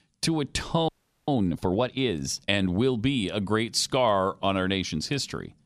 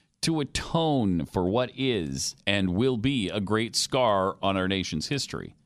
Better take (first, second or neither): second